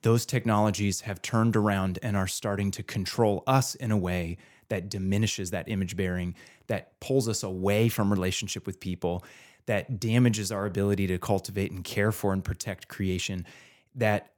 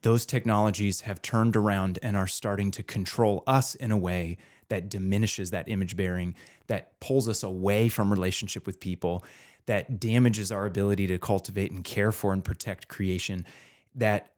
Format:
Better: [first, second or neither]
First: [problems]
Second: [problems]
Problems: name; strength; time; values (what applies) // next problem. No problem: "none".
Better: first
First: none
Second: garbled, watery; slightly; nothing above 19.5 kHz